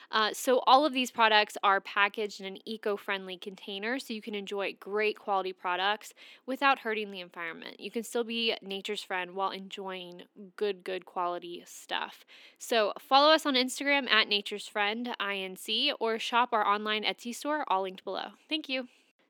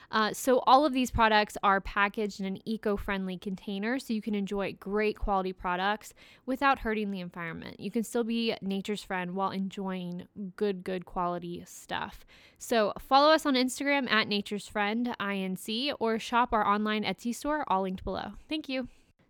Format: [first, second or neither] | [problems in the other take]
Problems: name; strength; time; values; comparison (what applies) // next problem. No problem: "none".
second | thin; very slightly; fading below 250 Hz